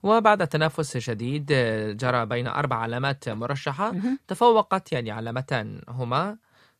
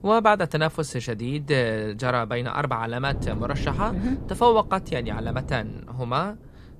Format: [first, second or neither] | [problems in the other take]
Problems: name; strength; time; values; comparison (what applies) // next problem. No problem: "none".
first | wind noise on the microphone; occasional gusts; 15 dB below the speech